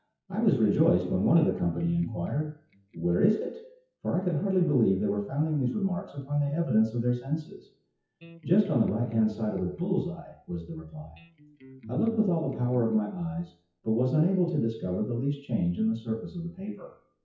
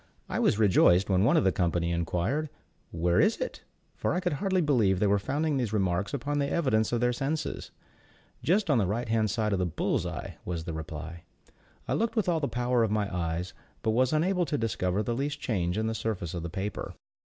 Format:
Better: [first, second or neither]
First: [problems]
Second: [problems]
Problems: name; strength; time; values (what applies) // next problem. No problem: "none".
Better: second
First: noise reduction (classical method WPE with log-MMSE)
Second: none